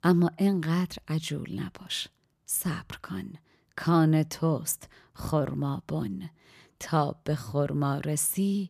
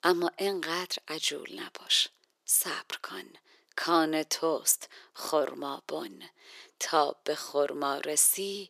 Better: first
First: none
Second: thin; very; fading below 400 Hz

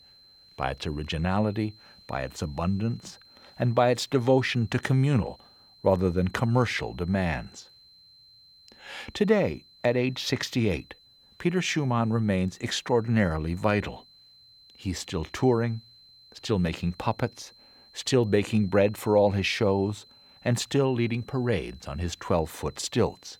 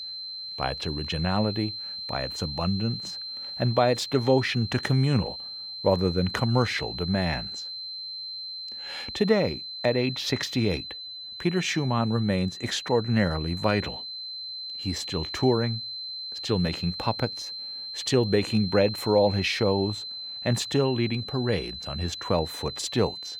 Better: first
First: high-pitched whine; faint; throughout; 4 kHz, 25 dB below the speech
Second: high-pitched whine; loud; throughout; 4 kHz, 7 dB below the speech

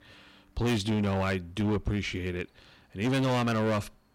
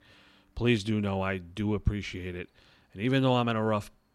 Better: second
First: distortion; heavy; 16% of the sound clipped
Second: none

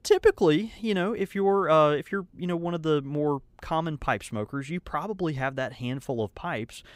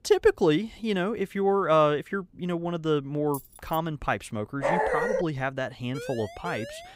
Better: first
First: none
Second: jangling keys; faint; at 3.5 s; peak 15 dB below the speech // dog barking; loud; at 4.5 s; peak 2 dB above the speech // siren; faint; from 6 s on; peak 10 dB below the speech

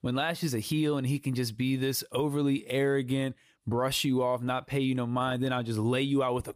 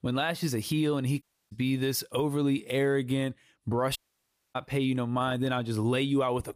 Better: first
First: none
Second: audio cutting out; at 1 s and at 4 s for 0.5 s

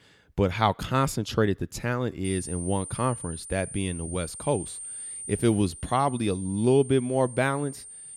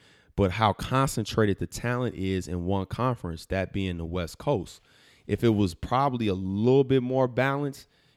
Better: second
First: high-pitched whine; noticeable; from 2.5 s on; 8.5 kHz, 10 dB below the speech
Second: none

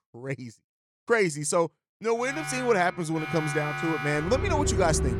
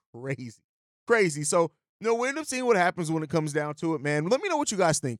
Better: second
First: alarms or sirens; loud; from 2 s on; 5 dB below the speech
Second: none

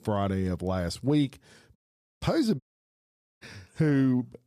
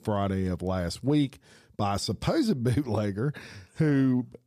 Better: second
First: audio cutting out; at 2 s and at 2.5 s for 1 s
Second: none

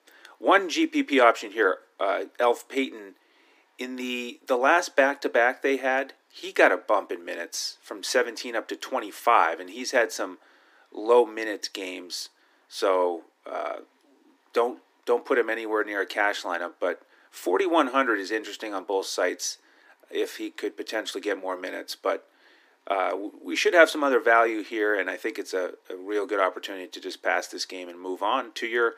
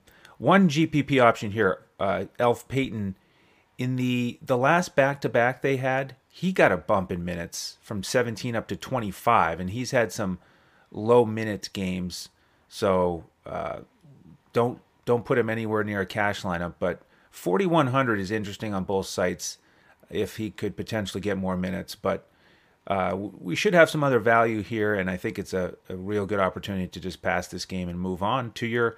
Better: second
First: thin; somewhat; fading below 250 Hz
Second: none

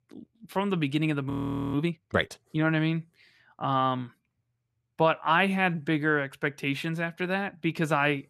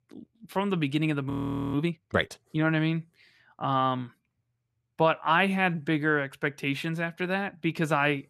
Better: neither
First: audio freezing; at 1.5 s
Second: audio freezing; at 1.5 s

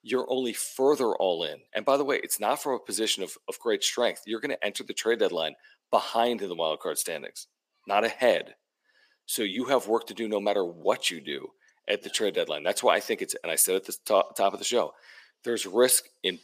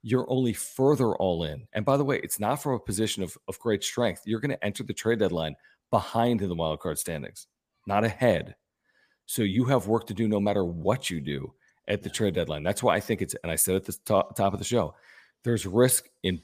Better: second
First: thin; somewhat; fading below 350 Hz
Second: none

